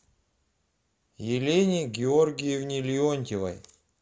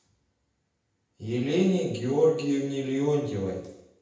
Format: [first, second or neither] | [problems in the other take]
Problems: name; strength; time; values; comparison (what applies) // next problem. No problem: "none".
first | room echo; dies away in 0.8 s